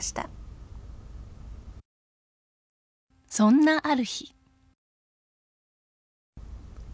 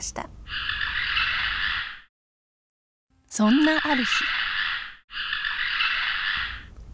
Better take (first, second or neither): first